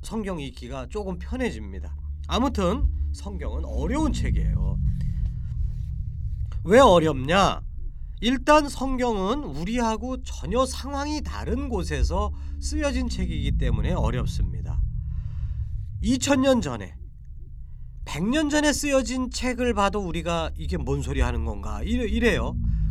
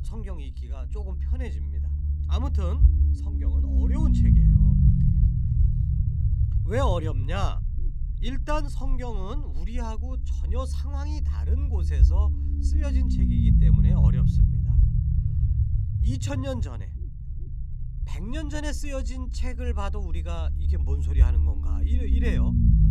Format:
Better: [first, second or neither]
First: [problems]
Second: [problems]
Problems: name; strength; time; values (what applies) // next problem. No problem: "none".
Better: first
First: low rumble; faint; throughout; 20 dB below the speech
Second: low rumble; loud; throughout; 2 dB below the speech